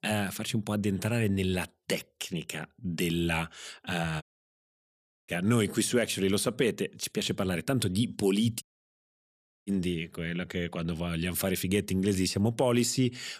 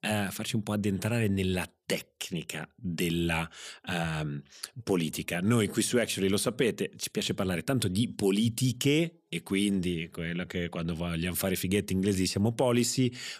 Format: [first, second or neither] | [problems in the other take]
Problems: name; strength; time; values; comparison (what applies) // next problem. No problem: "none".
second | audio cutting out; at 4 s for 1 s and at 8.5 s for 1 s